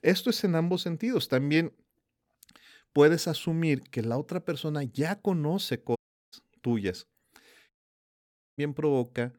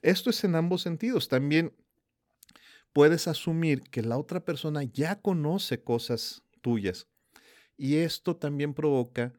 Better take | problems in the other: second | audio cutting out; at 6 s and at 7.5 s for 1 s

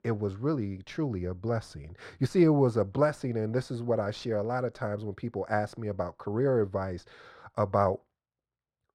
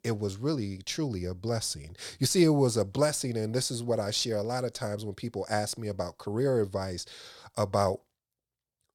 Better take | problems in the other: second | muffled; very; fading above 3.5 kHz

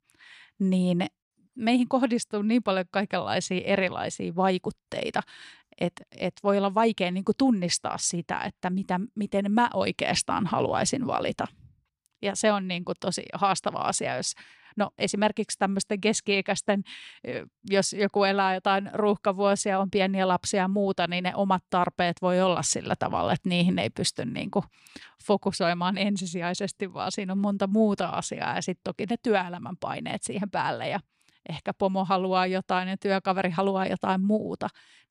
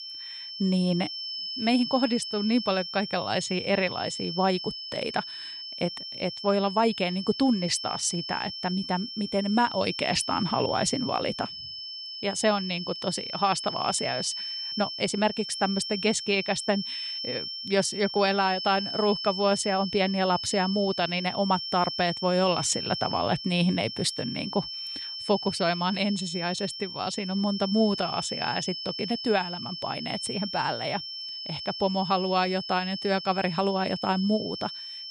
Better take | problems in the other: first | high-pitched whine; loud; throughout; 5.5 kHz, 6 dB below the speech

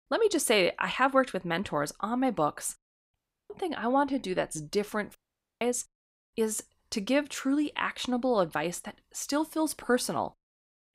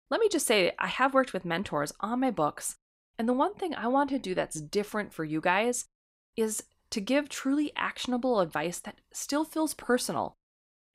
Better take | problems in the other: second | audio cutting out; at 3 s and at 5 s

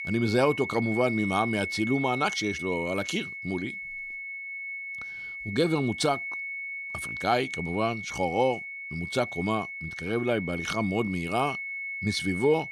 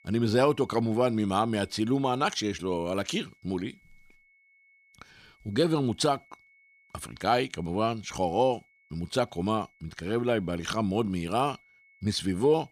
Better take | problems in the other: second | high-pitched whine; loud; throughout; 2 kHz, 6 dB below the speech; faint in the second

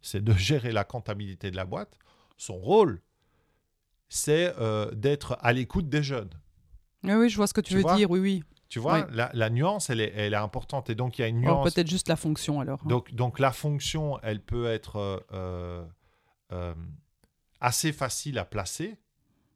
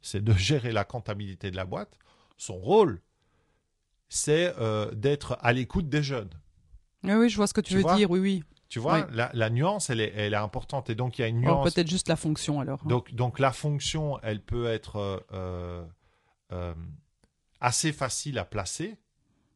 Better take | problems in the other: first | garbled, watery; slightly; nothing above 10.5 kHz

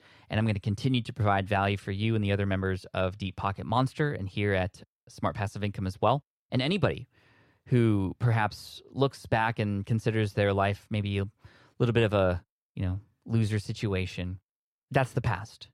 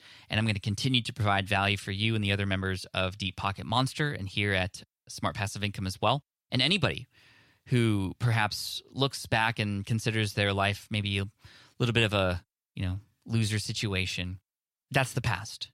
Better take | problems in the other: second | muffled; slightly; fading above 2 kHz

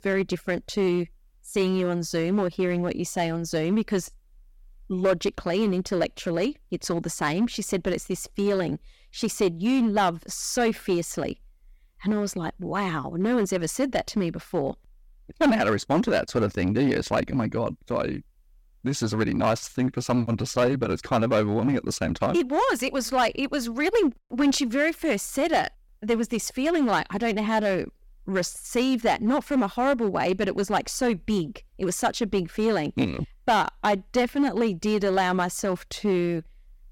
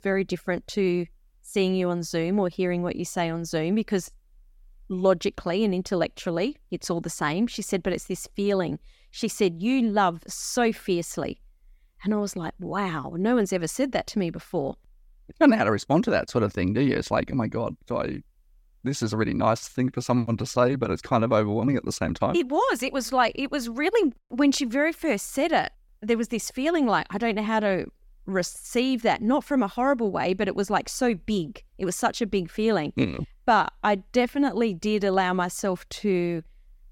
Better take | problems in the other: second | distortion; slight; 6% of the sound clipped

